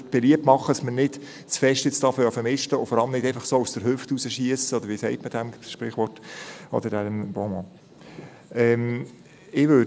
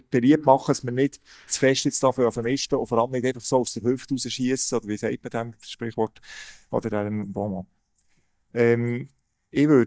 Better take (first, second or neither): first